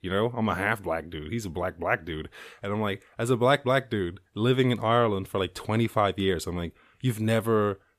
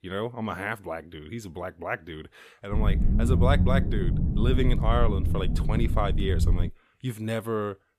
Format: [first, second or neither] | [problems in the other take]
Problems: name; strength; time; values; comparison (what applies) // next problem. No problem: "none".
first | low rumble; loud; from 2.5 to 6.5 s; 7 dB below the speech